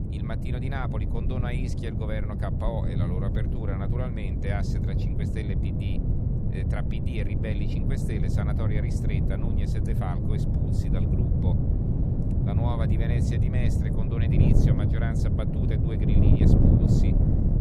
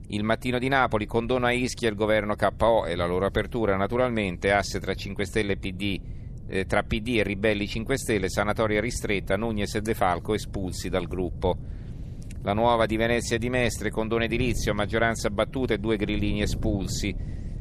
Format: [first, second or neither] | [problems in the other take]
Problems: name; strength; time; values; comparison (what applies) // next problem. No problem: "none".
second | wind noise on the microphone; heavy; 3 dB above the speech; occasional gusts in the second